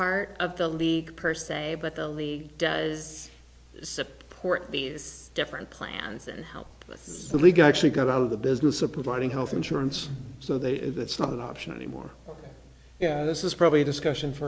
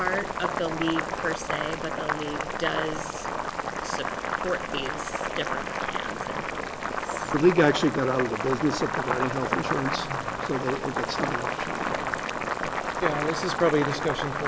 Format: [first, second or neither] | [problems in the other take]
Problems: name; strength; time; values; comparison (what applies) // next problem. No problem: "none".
first | background sound (Boiling); 1 dB below the speech